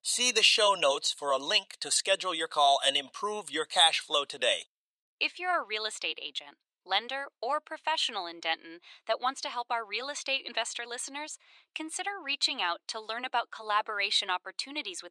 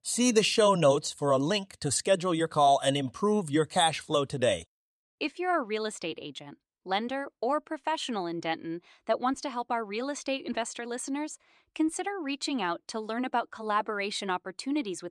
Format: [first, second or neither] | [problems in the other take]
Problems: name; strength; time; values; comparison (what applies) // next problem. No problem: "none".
second | thin; very; fading below 700 Hz